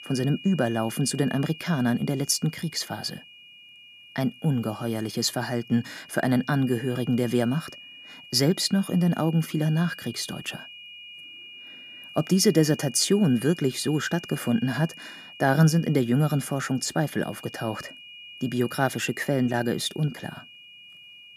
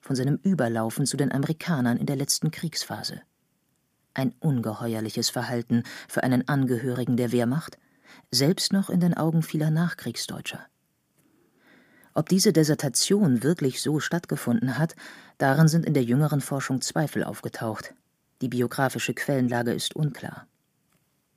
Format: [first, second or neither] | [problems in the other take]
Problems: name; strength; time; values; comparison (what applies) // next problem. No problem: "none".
second | high-pitched whine; noticeable; throughout; 3 kHz, 15 dB below the speech